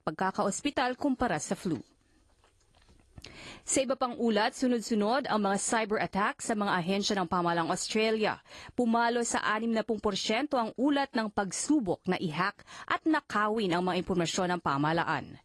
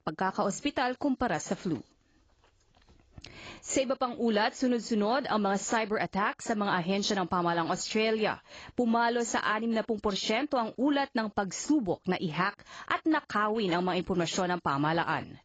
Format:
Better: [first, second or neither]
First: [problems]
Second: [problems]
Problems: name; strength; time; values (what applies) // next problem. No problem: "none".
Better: first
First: garbled, watery; slightly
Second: garbled, watery; badly; nothing above 7.5 kHz